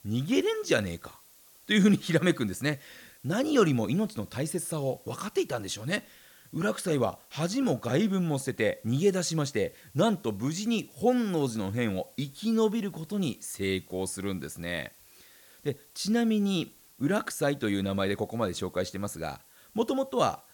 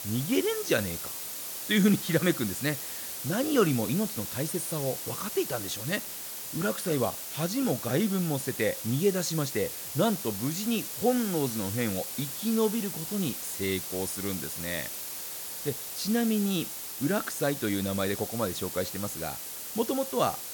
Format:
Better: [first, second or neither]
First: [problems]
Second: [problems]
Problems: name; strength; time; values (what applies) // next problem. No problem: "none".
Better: first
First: hiss; faint; throughout; 25 dB below the speech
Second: hiss; loud; throughout; 5 dB below the speech